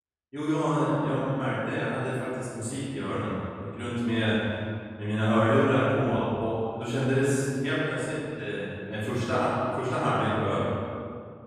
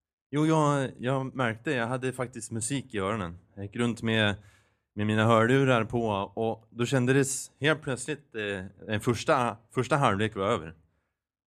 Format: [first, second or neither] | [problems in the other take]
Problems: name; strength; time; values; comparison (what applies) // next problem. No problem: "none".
second | room echo; strong; dies away in 2.1 s // off-mic speech; far